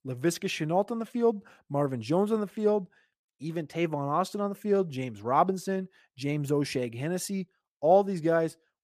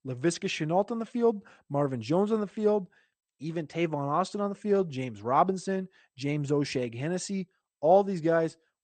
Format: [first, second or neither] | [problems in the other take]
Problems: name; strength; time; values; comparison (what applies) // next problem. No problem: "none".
first | garbled, watery; slightly; nothing above 8.5 kHz